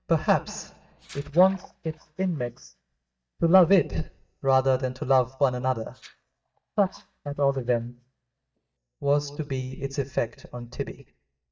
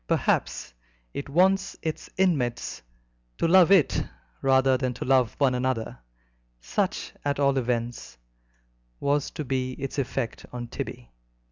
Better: second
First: noise reduction (neural mask model DeepFilterNet 3)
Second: none

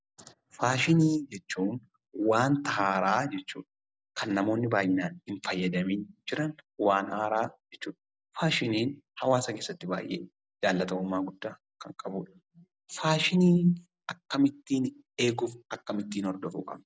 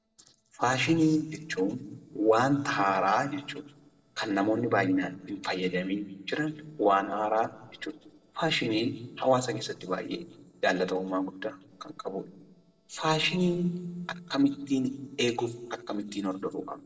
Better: first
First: none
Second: noise reduction (neural separator model SepFormer DNS4)

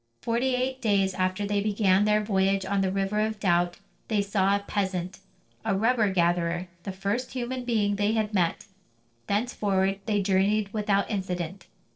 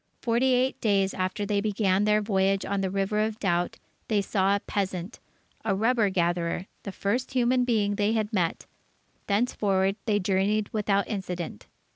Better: second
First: noise reduction (neural separator model SepFormer DNS4)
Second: none

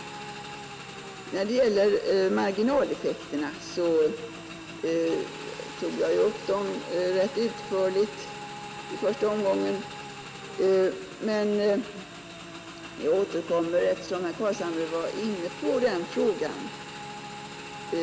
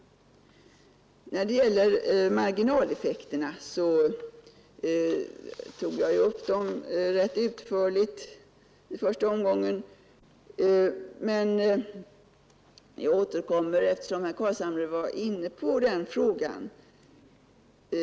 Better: second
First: background sound (Motorcycle / Engine); 12 dB below the speech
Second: none

